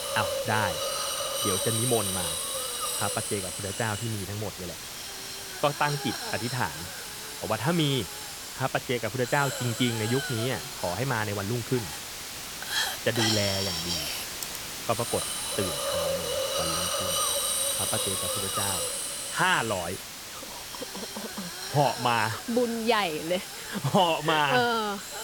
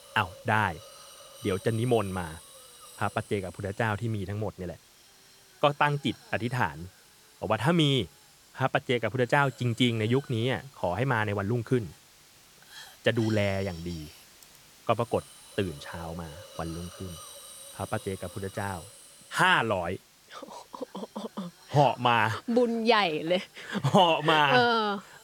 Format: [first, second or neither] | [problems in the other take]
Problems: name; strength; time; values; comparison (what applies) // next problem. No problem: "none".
second | hiss; loud; throughout; 1 dB below the speech; faint in the second